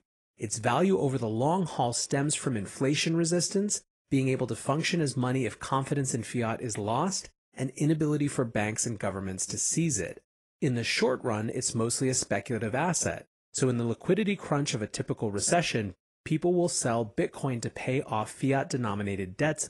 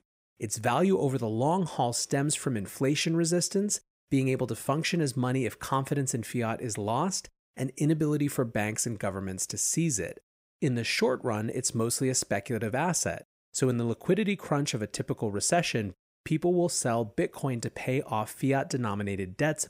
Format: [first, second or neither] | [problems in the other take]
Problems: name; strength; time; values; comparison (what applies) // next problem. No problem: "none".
second | garbled, watery; slightly